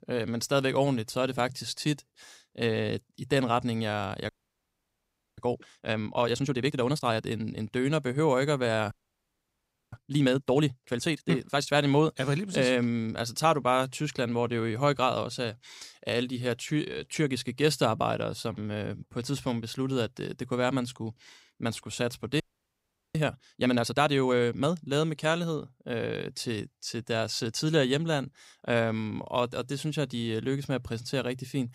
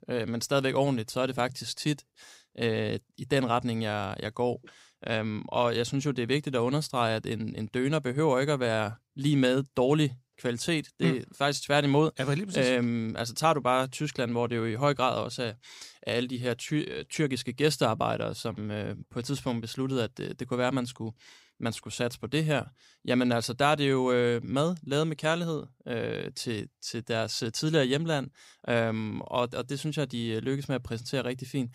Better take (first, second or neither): second